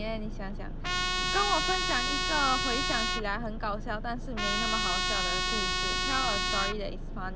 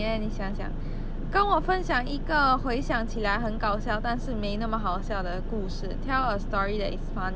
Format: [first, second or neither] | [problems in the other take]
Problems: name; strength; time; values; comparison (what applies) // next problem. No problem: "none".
second | background sound (Trumpet); 1 dB above the speech